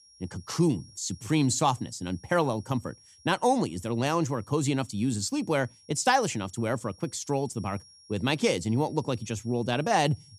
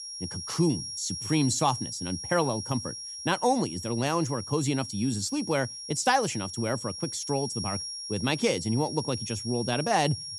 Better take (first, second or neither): first